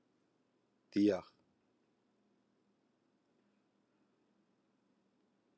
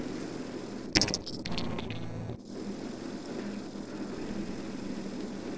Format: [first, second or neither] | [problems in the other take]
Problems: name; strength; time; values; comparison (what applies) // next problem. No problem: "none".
first | noise reduction (neural separator model SepFormer DNS4)